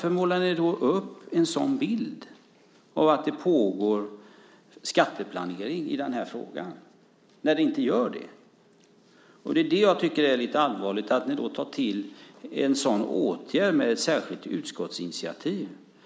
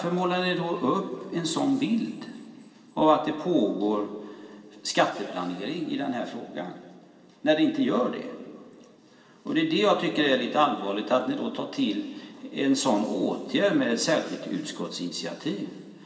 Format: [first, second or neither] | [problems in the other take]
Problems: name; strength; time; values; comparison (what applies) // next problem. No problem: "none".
first | room echo; dies away in 2.2 s